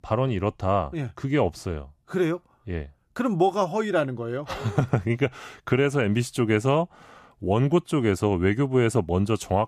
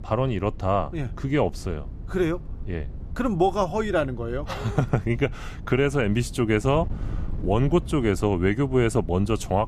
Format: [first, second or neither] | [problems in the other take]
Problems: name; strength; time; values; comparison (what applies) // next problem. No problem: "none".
first | wind noise on the microphone; occasional gusts; 25 dB below the speech